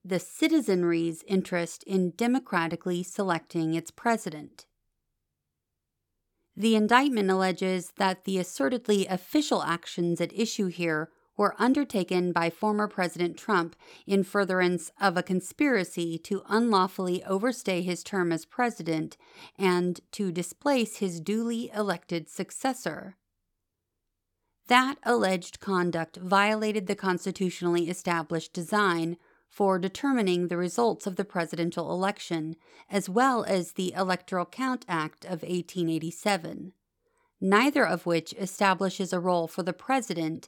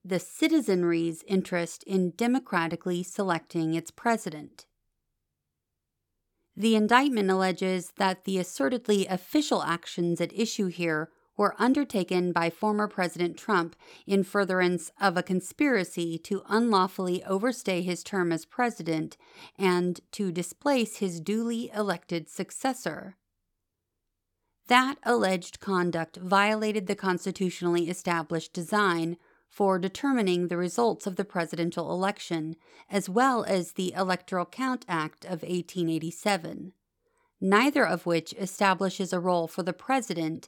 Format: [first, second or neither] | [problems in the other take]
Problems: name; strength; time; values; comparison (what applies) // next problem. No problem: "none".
neither | none